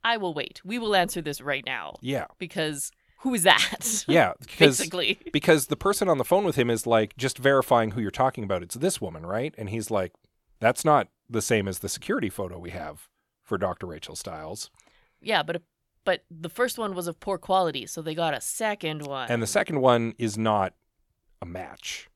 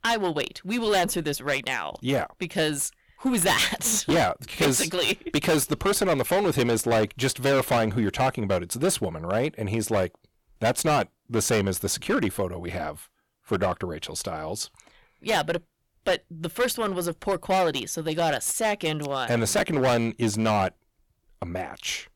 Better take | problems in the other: first | distortion; heavy; 12% of the sound clipped

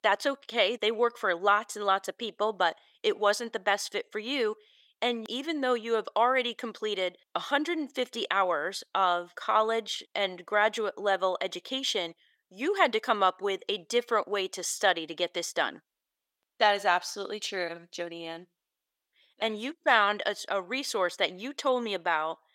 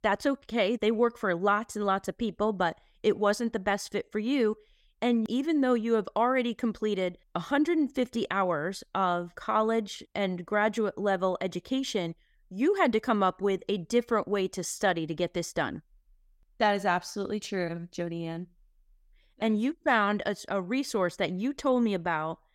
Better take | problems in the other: second | thin; somewhat; fading below 500 Hz

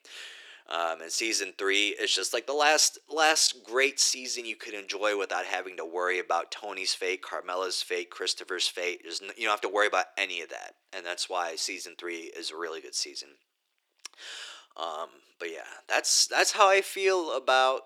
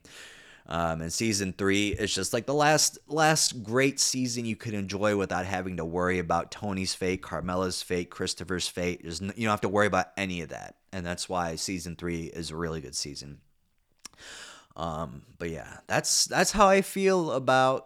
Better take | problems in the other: second | thin; very; fading below 350 Hz

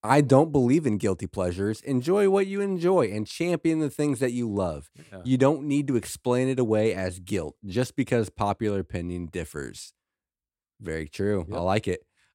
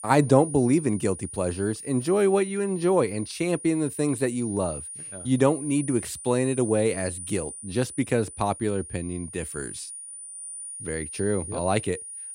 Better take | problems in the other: first | high-pitched whine; noticeable; throughout; 9.5 kHz, 10 dB below the speech

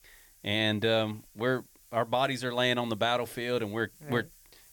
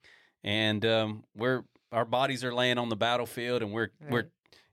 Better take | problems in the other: second | hiss; faint; throughout; 25 dB below the speech

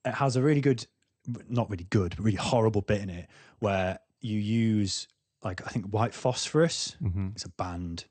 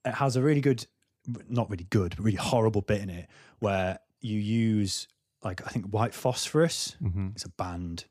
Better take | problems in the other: second | garbled, watery; slightly; nothing above 8.5 kHz

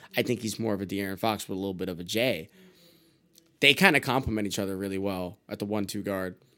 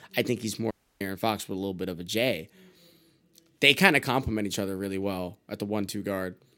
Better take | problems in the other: first | audio cutting out; at 0.5 s

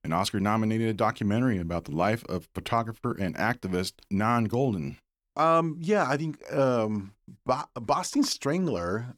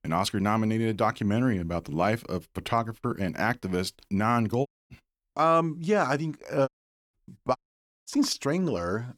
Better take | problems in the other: first | audio cutting out; at 4.5 s, at 6.5 s and at 7.5 s for 0.5 s

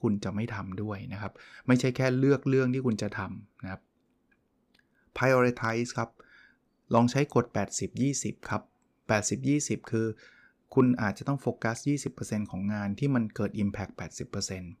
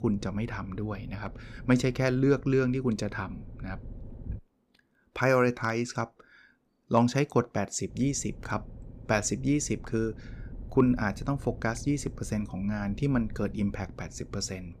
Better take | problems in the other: first | low rumble; faint; until 4.5 s and from 8 s on; 25 dB below the speech

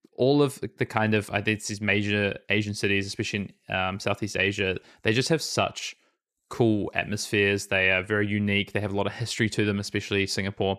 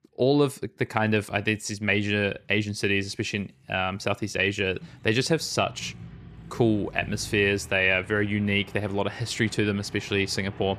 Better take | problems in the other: first | traffic noise; noticeable; throughout; 20 dB below the speech

